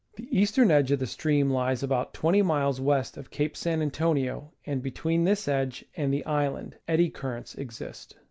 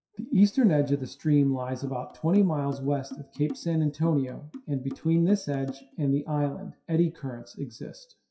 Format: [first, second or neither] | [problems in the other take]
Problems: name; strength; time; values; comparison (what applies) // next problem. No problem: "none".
first | noise reduction (classical method WPE with log-MMSE)